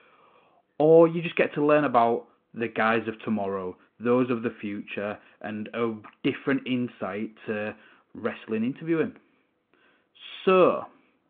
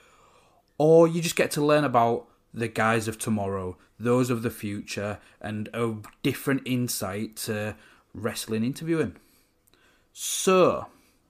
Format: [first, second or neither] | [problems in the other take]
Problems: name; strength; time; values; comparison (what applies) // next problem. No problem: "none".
second | phone-call audio